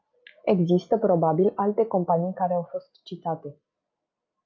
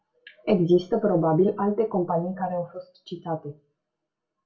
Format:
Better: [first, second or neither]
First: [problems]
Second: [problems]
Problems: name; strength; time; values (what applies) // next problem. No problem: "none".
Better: first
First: none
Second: room echo; dies away in 0.2 s